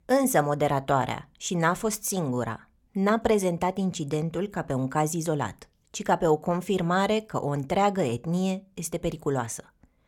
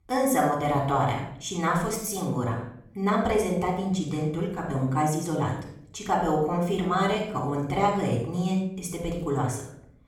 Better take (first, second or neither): first